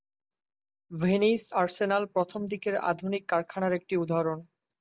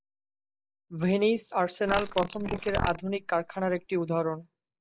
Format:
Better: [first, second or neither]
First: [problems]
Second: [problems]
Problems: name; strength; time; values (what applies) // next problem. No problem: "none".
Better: first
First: none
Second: noise reduction (neural mask model Resemble Enhance denoiser)